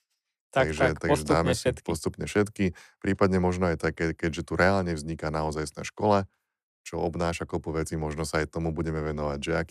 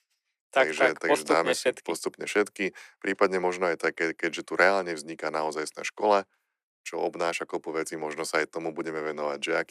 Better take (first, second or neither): first